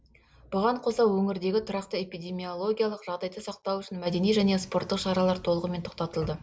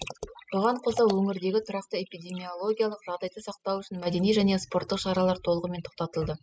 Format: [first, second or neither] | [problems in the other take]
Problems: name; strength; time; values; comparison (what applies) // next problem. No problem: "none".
first | noise reduction (classical method spectral subtraction)